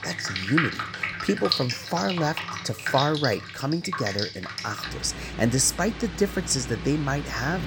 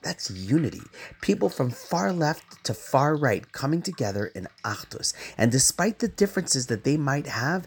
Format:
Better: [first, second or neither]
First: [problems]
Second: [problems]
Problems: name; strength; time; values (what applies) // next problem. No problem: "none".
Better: second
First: rain or running water; loud; throughout; 4 dB below the speech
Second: rain or running water; faint; throughout; 25 dB below the speech